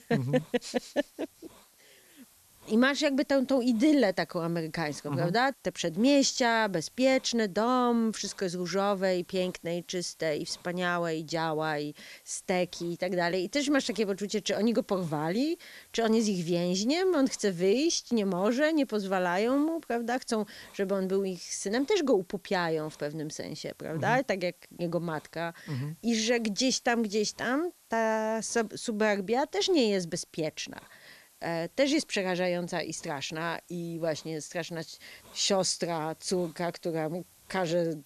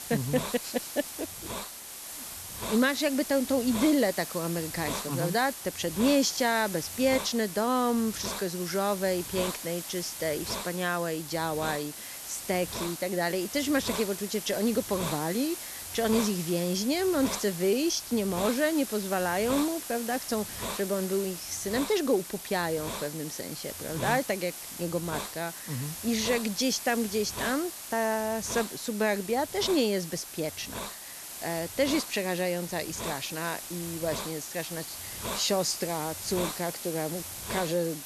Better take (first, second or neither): first